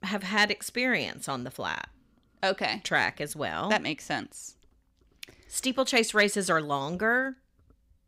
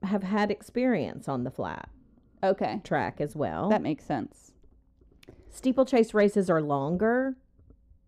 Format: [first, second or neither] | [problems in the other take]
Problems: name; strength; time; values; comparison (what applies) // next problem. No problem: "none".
first | muffled; slightly; fading above 1 kHz